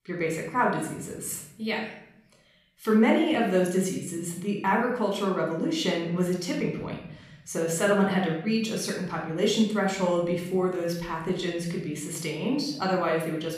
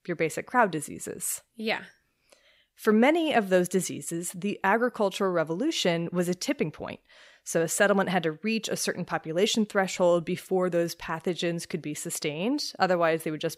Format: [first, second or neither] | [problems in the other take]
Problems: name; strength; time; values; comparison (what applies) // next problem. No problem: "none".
second | off-mic speech; somewhat distant // room echo; noticeable; dies away in 1.1 s